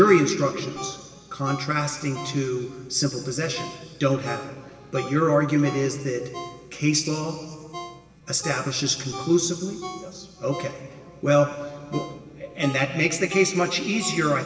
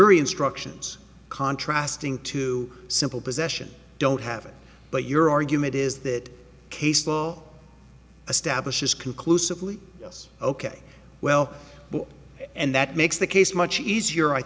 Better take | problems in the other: second | background sound (Ringtone); 16 dB below the speech // room echo; dies away in 1.9 s

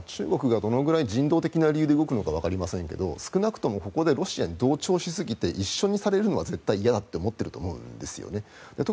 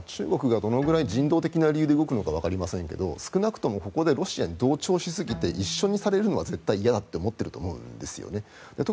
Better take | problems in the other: first | background sound (Bowed string instrument); 20 dB below the speech

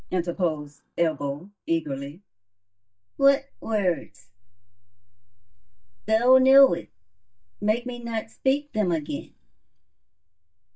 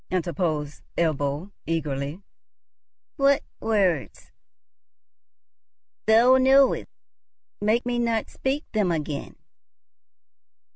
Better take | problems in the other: second | noise reduction (neural mask model DeepFilterNet 3)

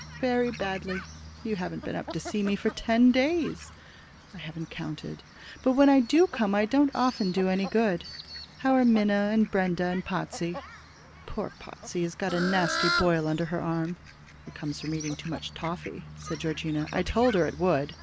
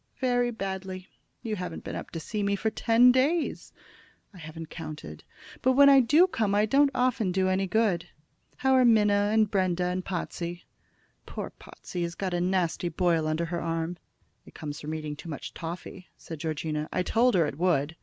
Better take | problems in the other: second | background sound (Fowl); 12 dB below the speech

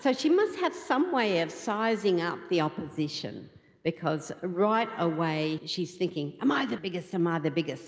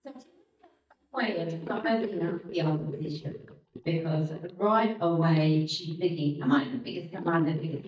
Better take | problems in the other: first | noise reduction (neural mask model DeepFilterNet 3)

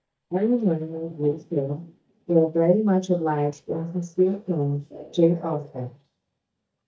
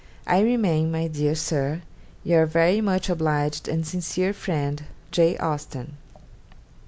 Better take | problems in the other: second | noise reduction (neural mask model DeepFilterNet 3)

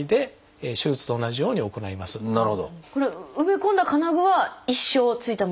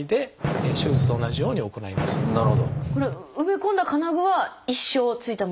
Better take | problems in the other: first | background sound (Fireworks); 1 dB above the speech

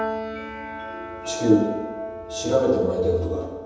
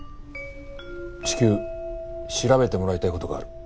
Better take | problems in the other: second | background sound (Piano); 10 dB below the speech // room echo; dies away in 1.1 s

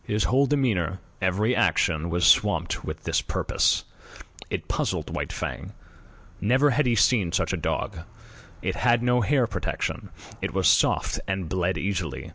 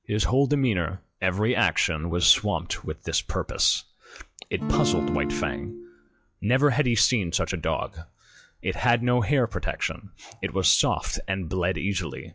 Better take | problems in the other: first | noise reduction (classical method log-MMSE)

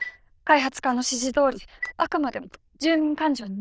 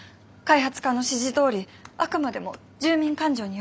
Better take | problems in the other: second | noise reduction (neural diffusion model UNIVERSE++)

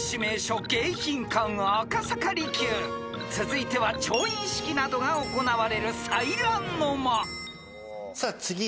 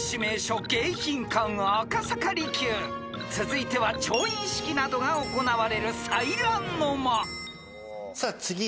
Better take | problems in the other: second | background sound (Keyboard (musical)); 18 dB below the speech

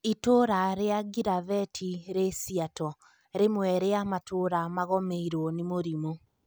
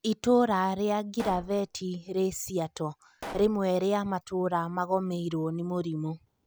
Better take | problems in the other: first | background sound (Explosion); 16 dB below the speech

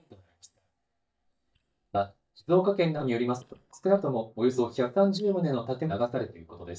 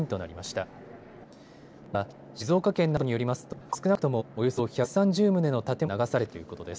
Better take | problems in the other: second | noise reduction (neural mask model DeepFilterNet 3)

